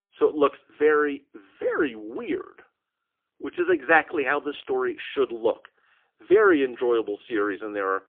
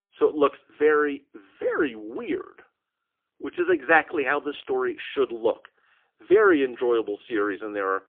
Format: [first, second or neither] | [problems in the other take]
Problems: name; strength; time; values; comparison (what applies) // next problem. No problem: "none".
neither | phone-call audio; poor line; nothing above 3.5 kHz; the same in both